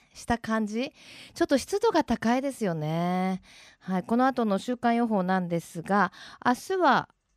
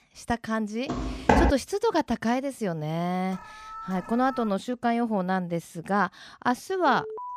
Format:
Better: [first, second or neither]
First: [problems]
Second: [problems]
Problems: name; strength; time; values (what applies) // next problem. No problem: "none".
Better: first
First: none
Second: footsteps; loud; at 1 s; peak 5 dB above the speech // alarm; faint; from 3.5 to 4.5 s; peak 10 dB below the speech // alarm; noticeable; at 7 s; peak 9 dB below the speech